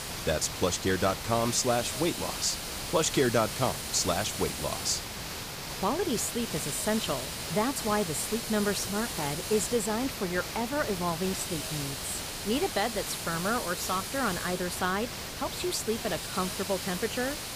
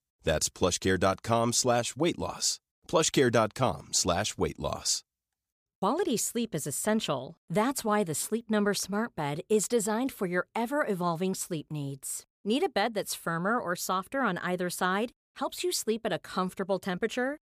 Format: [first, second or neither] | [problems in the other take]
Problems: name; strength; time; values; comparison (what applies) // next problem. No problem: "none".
second | hiss; loud; throughout; 4 dB below the speech